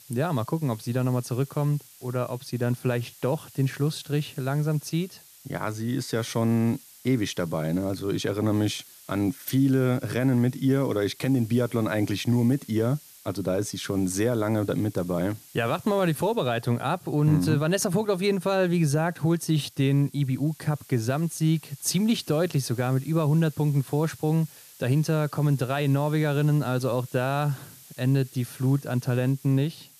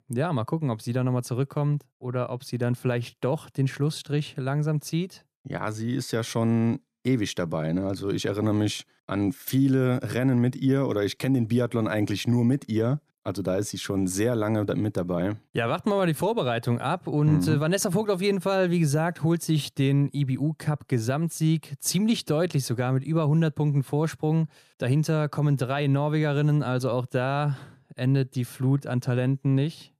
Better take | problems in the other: second | hiss; faint; throughout; 20 dB below the speech

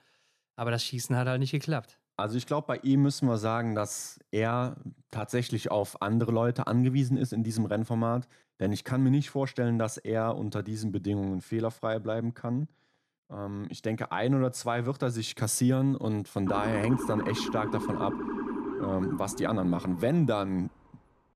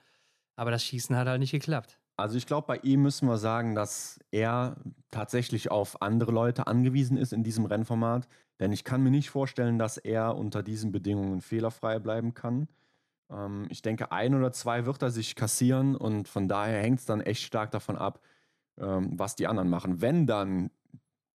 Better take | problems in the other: second | siren; noticeable; from 16 to 20 s; peak 4 dB below the speech

